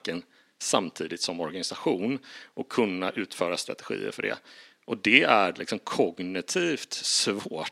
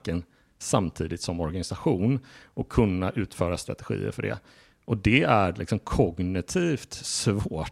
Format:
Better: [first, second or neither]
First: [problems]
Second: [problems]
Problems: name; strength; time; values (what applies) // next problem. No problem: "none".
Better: second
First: thin; very slightly; fading below 250 Hz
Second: none